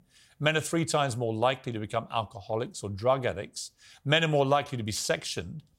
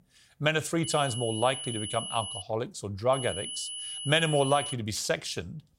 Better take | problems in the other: first | high-pitched whine; loud; from 1 to 2.5 s and from 3 to 4.5 s; 3 kHz, 6 dB below the speech

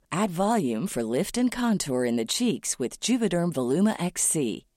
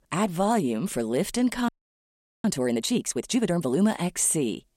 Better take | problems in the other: first | audio freezing; at 1.5 s for 1 s

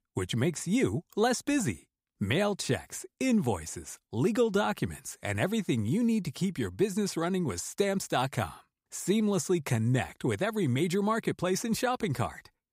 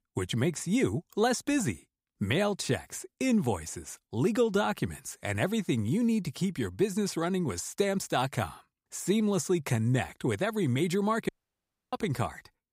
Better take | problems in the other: first | audio cutting out; at 11 s for 0.5 s

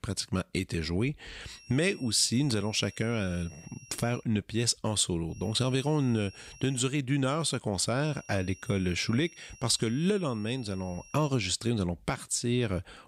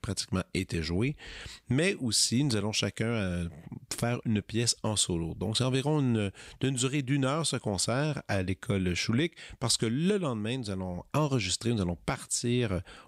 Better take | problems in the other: second | high-pitched whine; faint; from 1.5 to 4 s, from 5.5 to 7 s and from 8 to 11 s; 5.5 kHz, 20 dB below the speech

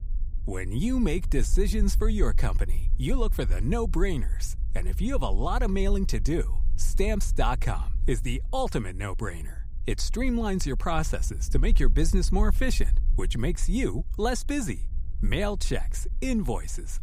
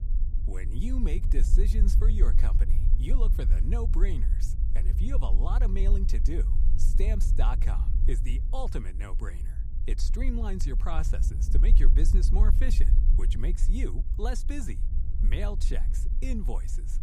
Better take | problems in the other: first | low rumble; loud; throughout; 8 dB below the speech; faint in the first

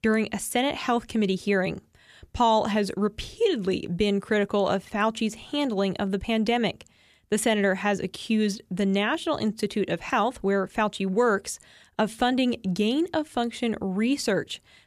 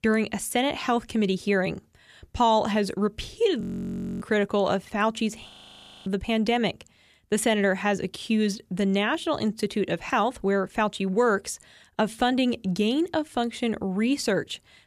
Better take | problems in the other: first | audio freezing; at 3.5 s for 0.5 s and at 5.5 s for 0.5 s

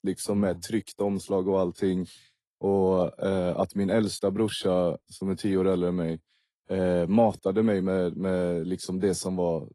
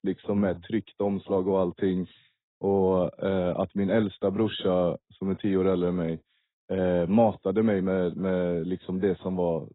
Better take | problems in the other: first | garbled, watery; badly; nothing above 4 kHz; slightly in the first

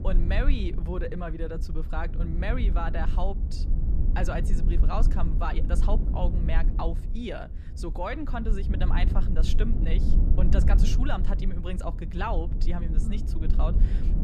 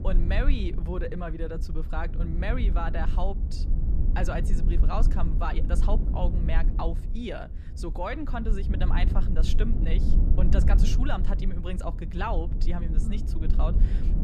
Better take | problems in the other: neither | low rumble; loud; throughout; 8 dB below the speech; the same in both

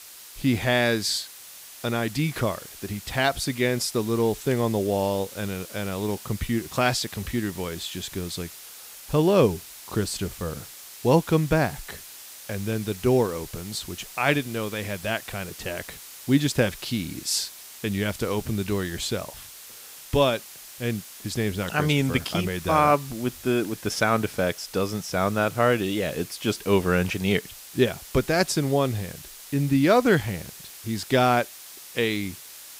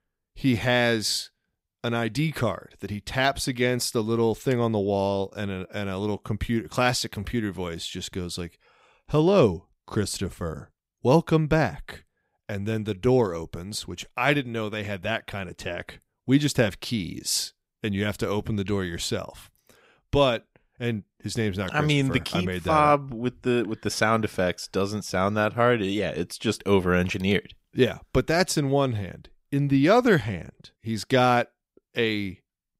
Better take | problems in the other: second | hiss; noticeable; throughout; 15 dB below the speech

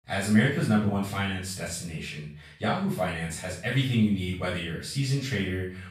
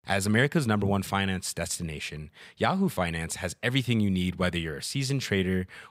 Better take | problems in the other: second | off-mic speech; far // room echo; noticeable; dies away in 0.4 s

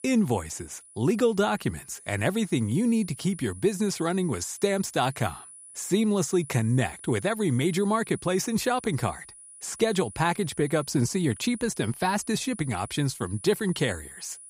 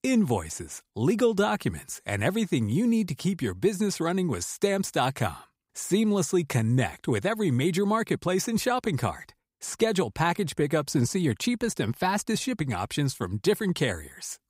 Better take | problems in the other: second | high-pitched whine; noticeable; throughout; 10 kHz, 15 dB below the speech

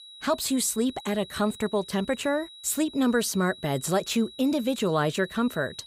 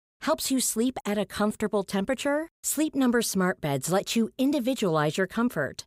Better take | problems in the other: second | high-pitched whine; noticeable; throughout; 4 kHz, 15 dB below the speech

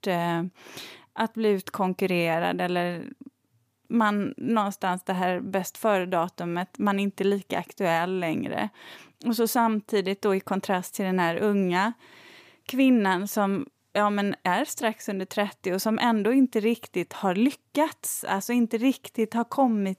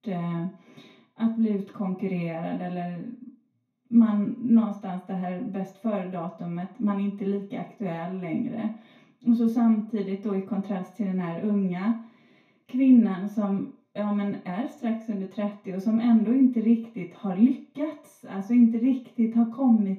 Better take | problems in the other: first | room echo; slight; dies away in 0.4 s // off-mic speech; far

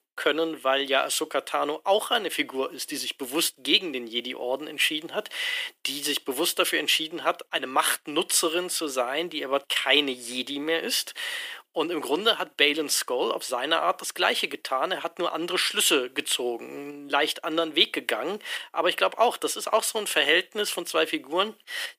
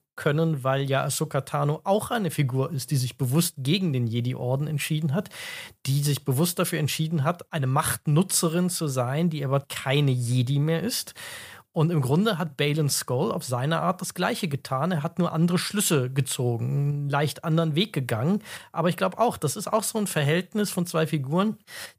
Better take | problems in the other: second | thin; very; fading below 300 Hz

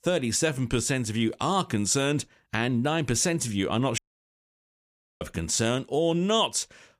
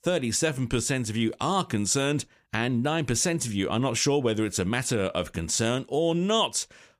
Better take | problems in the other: second | audio cutting out; at 4 s for 1 s

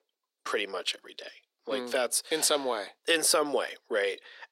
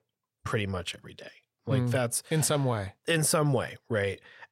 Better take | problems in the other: second | thin; very; fading below 300 Hz

